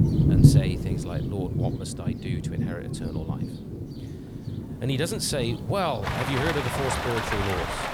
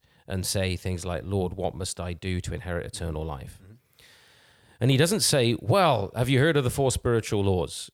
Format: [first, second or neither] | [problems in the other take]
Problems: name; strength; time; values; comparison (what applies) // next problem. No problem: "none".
second | rain or running water; very loud; throughout; 4 dB above the speech